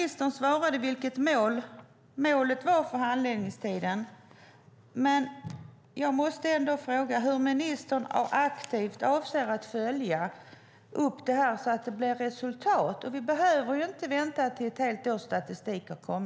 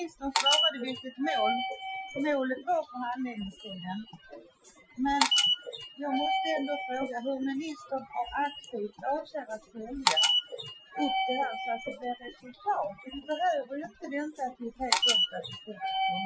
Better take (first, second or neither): first